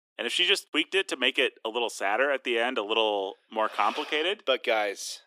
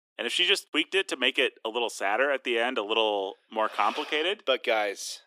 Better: neither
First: thin; somewhat; fading below 300 Hz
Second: thin; somewhat; fading below 300 Hz

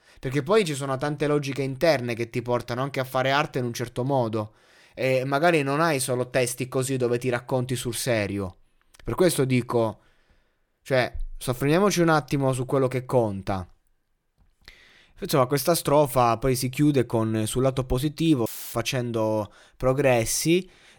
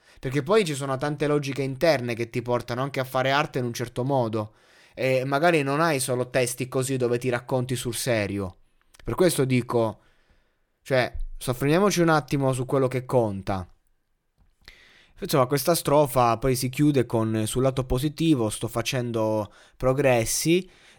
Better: second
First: audio cutting out; filled with static; at 18 s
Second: none

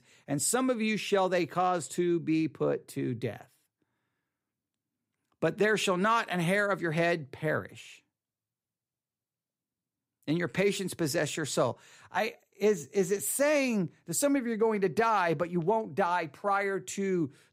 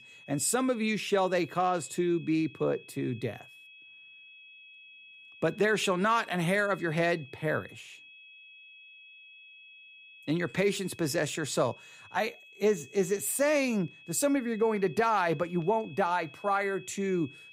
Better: first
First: none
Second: high-pitched whine; faint; throughout; 2.5 kHz, 20 dB below the speech

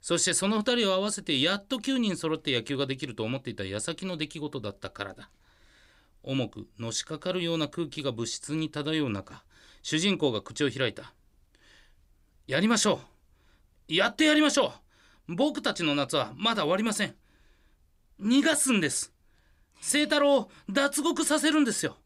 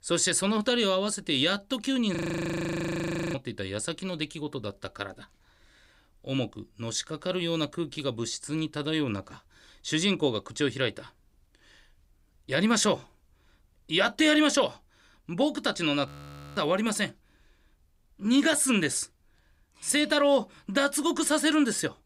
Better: first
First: none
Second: audio freezing; at 2 s for 1 s and at 16 s for 0.5 s

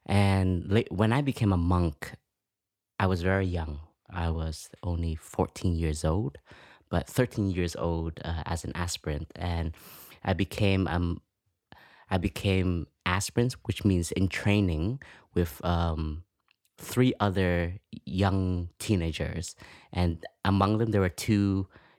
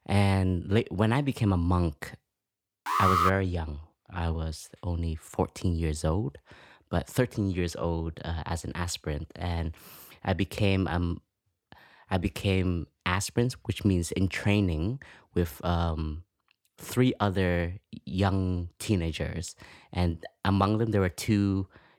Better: first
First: none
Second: alarm; loud; at 3 s; peak 5 dB above the speech

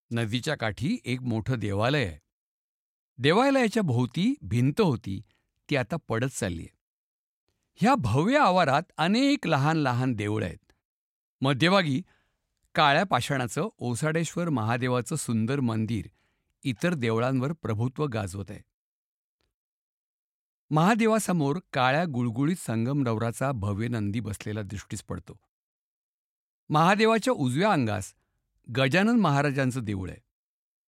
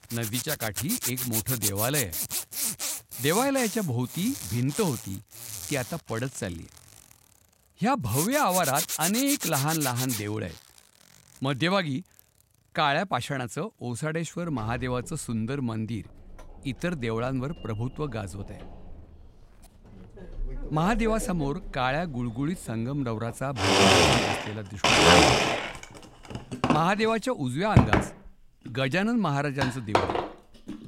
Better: first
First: none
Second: household noises; very loud; throughout; 3 dB above the speech

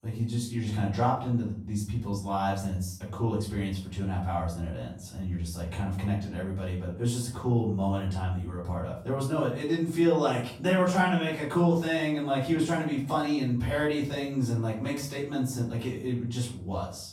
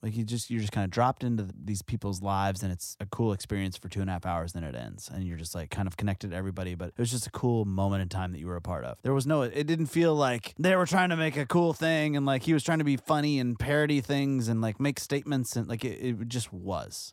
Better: second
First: off-mic speech; far // room echo; noticeable; dies away in 0.4 s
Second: none

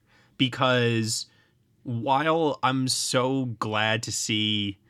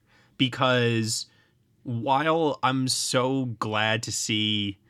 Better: neither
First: none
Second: none

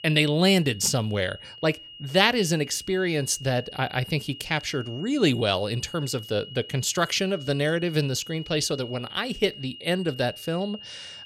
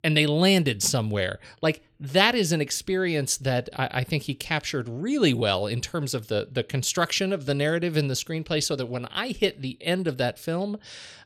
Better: second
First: high-pitched whine; noticeable; throughout; 3 kHz, 15 dB below the speech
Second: none

